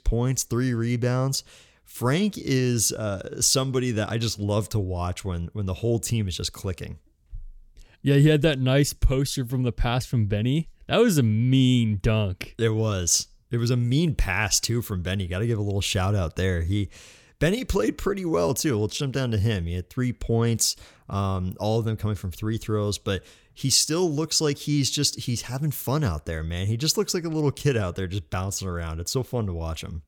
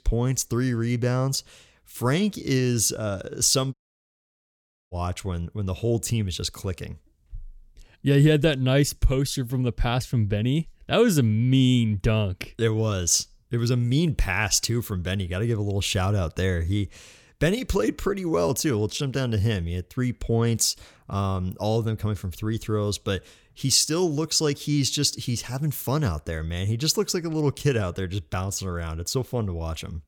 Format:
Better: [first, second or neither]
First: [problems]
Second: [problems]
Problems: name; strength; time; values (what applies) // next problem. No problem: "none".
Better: first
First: none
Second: audio cutting out; at 3.5 s for 1 s